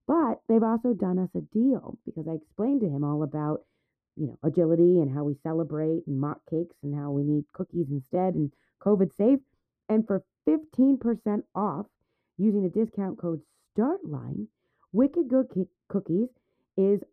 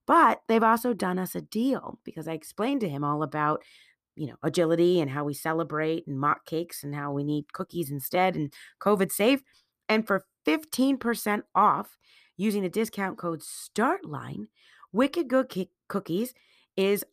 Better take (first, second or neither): second